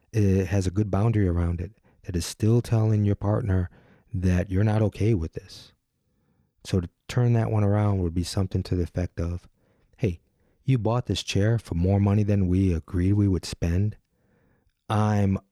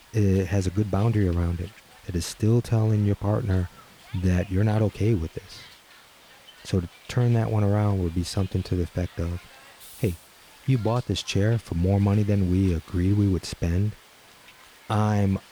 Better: first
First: none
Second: hiss; faint; throughout; 25 dB below the speech

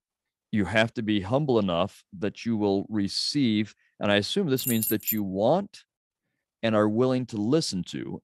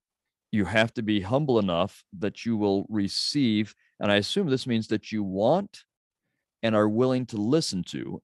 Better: second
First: jangling keys; noticeable; at 4.5 s; peak 1 dB below the speech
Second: none

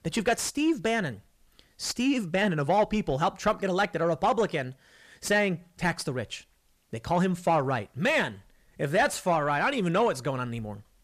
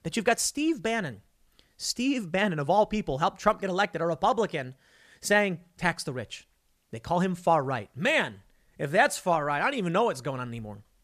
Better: second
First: distortion; slight; 10 dB below the speech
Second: none

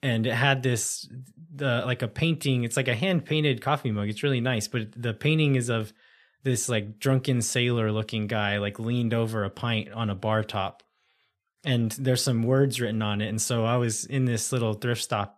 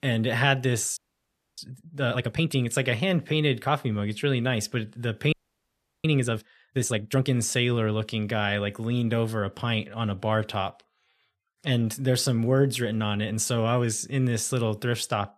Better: first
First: none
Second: audio freezing; at 1 s for 0.5 s and at 5.5 s for 0.5 s

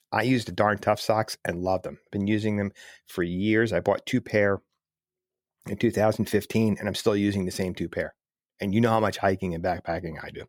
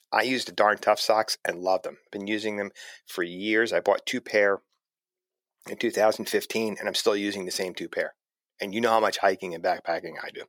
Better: first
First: none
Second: thin; somewhat; fading below 400 Hz

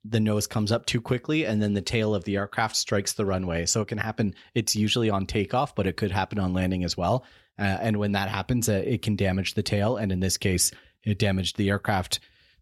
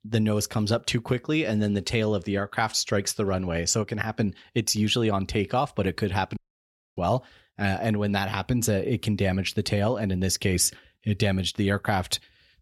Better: first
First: none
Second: audio cutting out; at 6.5 s for 0.5 s

